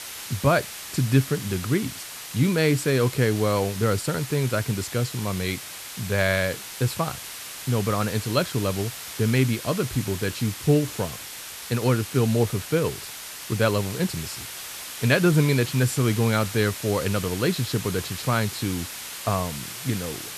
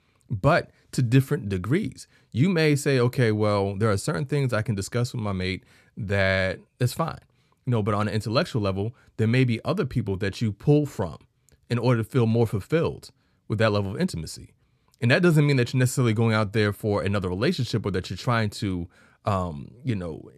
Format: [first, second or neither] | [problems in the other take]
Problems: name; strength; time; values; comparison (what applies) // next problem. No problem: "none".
second | hiss; loud; throughout; 9 dB below the speech